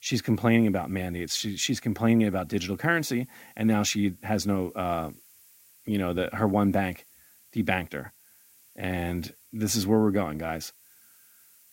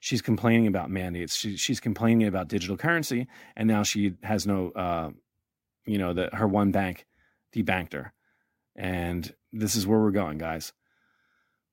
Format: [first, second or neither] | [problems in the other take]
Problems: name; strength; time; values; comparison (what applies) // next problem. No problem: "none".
second | hiss; faint; throughout; 25 dB below the speech